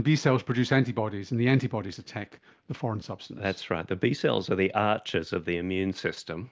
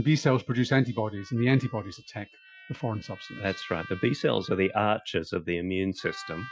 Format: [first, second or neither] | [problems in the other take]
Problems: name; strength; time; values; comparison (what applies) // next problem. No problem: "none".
first | noise reduction (classical method Wiener filter)